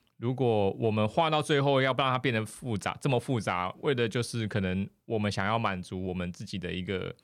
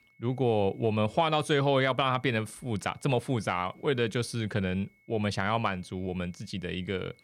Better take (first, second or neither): first